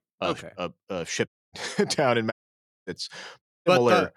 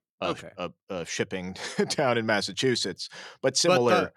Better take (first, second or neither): second